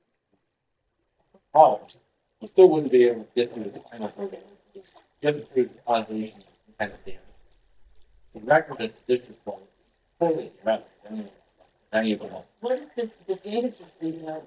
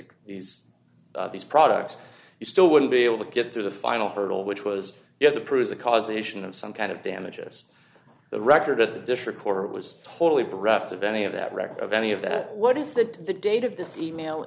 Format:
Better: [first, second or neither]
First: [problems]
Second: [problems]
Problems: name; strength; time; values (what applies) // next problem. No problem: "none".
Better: second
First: noise reduction (neural mask model DeepFilterNet 3)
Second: none